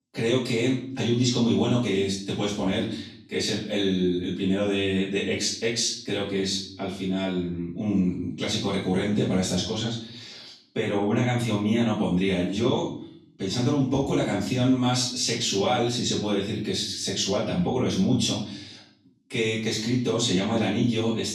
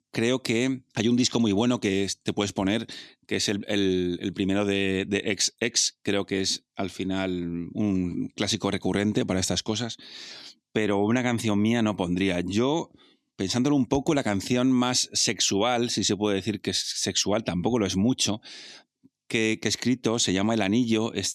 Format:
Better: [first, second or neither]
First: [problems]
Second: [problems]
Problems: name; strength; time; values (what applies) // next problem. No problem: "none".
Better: second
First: off-mic speech; far // room echo; noticeable; dies away in 0.5 s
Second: none